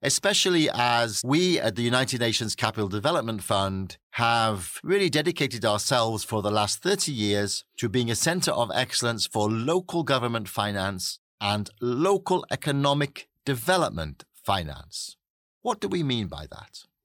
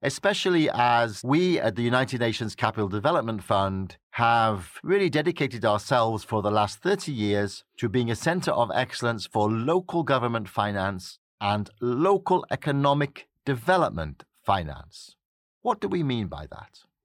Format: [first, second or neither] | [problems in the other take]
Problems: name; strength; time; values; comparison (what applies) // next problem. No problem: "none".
first | muffled; slightly; fading above 3.5 kHz